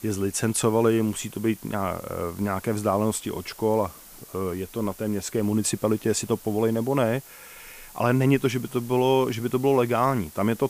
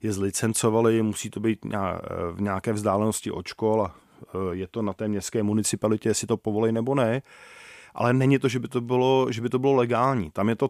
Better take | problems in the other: second | hiss; noticeable; throughout; 20 dB below the speech

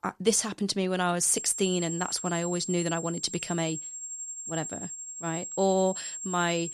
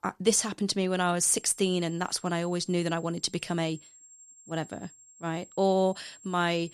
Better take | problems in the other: second | high-pitched whine; loud; from 1 s on; 7.5 kHz, 7 dB below the speech; faint in the second

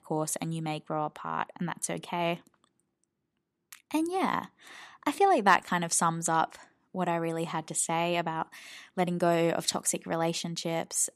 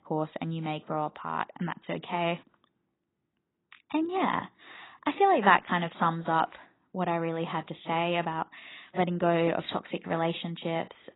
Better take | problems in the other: first | garbled, watery; badly; nothing above 4 kHz

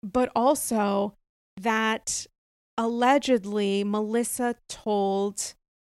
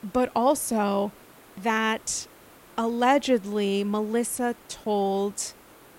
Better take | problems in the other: first | hiss; faint; throughout; 25 dB below the speech

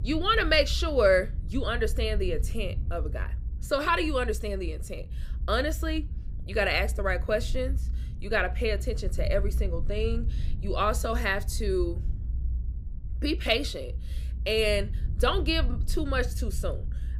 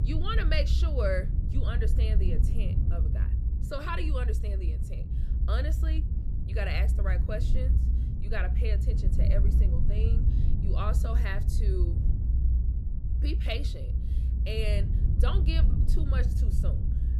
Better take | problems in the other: first | low rumble; loud; throughout; 8 dB below the speech; faint in the first

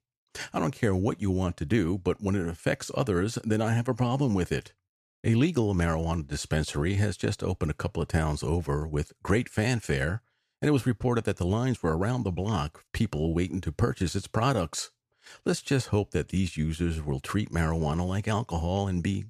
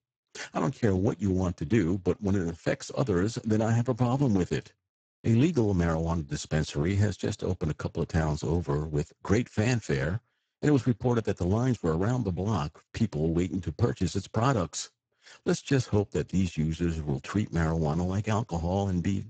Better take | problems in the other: first | garbled, watery; badly; nothing above 7.5 kHz

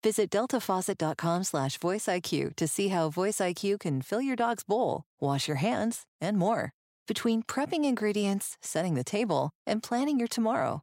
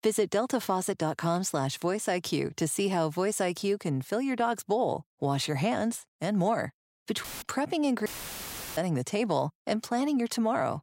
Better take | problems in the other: first | audio cutting out; filled with static; at 7 s and at 8 s for 0.5 s

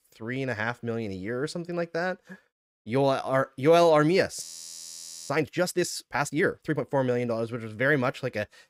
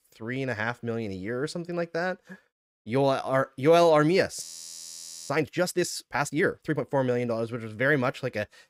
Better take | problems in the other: neither | audio freezing; at 4.5 s for 1 s; the same in both

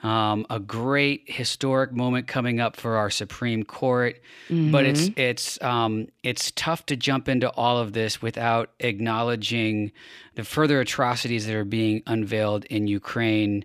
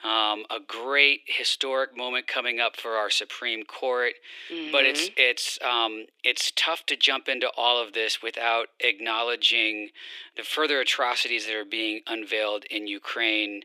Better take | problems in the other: first | thin; very; fading below 350 Hz

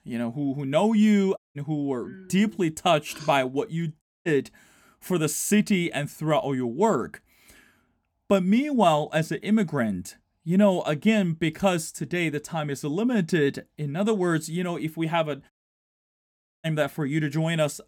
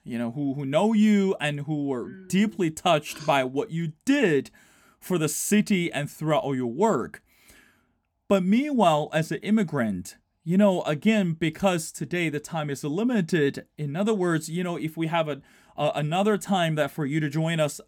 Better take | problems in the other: second | audio cutting out; at 1.5 s, at 4 s and at 16 s for 1 s

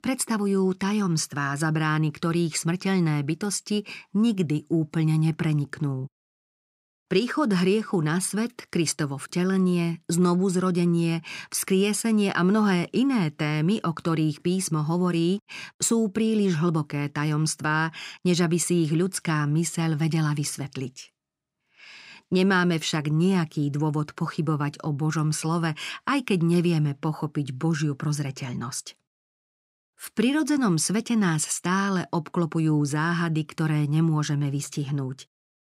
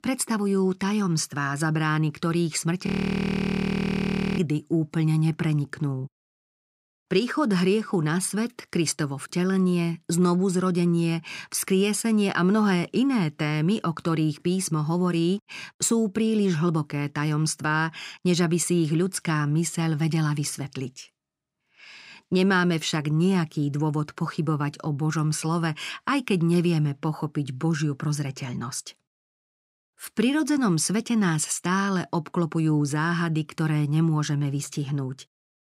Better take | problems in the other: first | audio freezing; at 3 s for 1.5 s

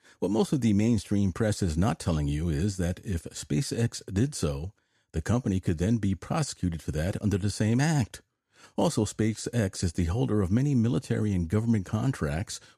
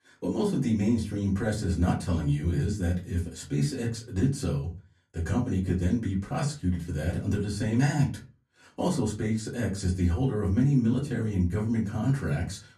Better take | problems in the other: first | off-mic speech; far // room echo; very slight; dies away in 0.3 s

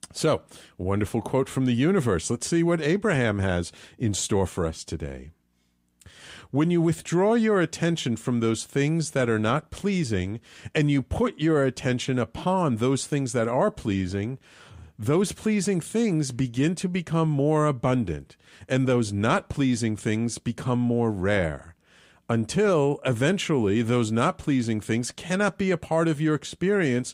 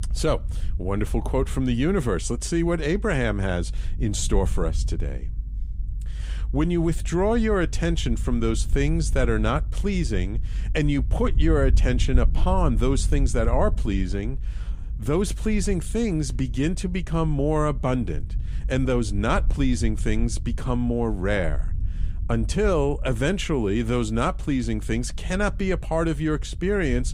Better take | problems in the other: first | low rumble; faint; throughout; 20 dB below the speech

